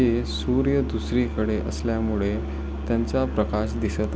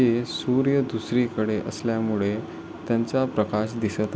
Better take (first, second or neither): second